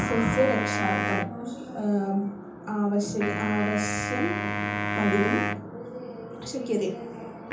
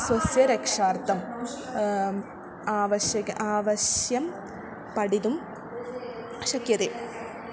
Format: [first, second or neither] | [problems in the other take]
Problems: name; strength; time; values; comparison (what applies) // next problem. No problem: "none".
second | background sound (Wind instrument, woodwind instrument); 3 dB below the speech // room echo; dies away in 0.6 s